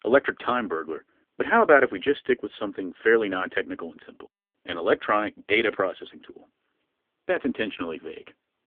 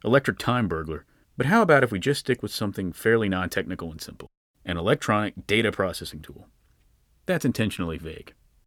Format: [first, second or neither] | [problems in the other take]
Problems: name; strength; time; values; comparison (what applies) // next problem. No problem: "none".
second | phone-call audio; poor line; nothing above 3.5 kHz